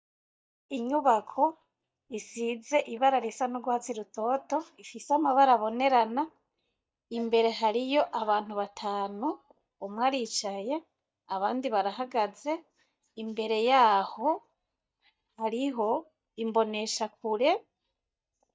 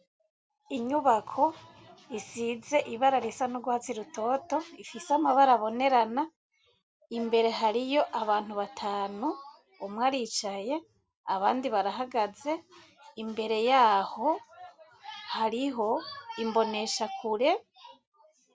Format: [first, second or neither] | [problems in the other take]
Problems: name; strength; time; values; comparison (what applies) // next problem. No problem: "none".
second | noise reduction (neural mask model DeepFilterNet 3)